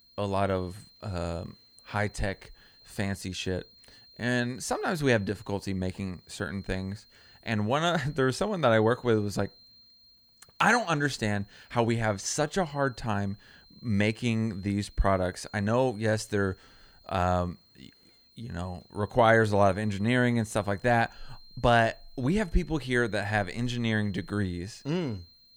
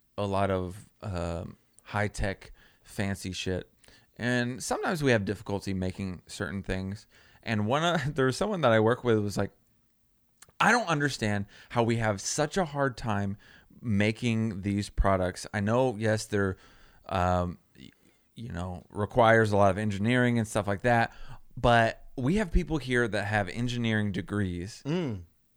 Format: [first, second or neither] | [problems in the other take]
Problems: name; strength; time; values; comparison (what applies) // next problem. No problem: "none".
second | high-pitched whine; faint; throughout; 4 kHz, 25 dB below the speech